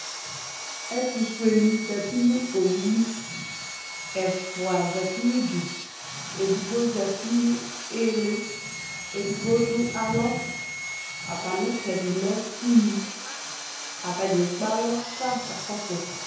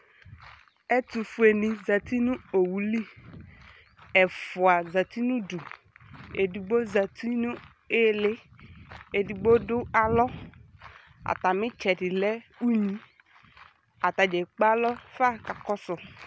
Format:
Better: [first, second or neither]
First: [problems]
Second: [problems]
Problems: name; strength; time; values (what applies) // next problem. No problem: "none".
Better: second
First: background sound (Sawing); 9 dB below the speech // room echo; dies away in 0.9 s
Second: none